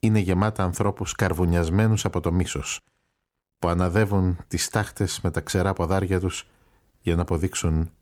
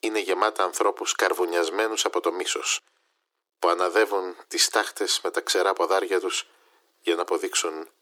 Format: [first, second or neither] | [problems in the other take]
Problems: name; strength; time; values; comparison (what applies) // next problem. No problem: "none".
first | thin; very; fading below 350 Hz